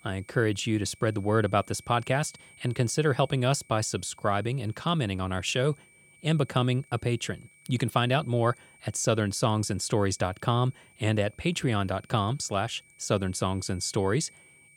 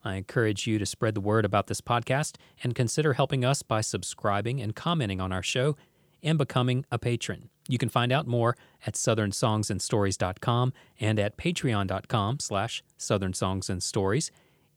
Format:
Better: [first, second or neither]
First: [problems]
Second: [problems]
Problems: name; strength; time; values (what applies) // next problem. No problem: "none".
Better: second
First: high-pitched whine; faint; throughout; 2.5 kHz, 25 dB below the speech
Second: none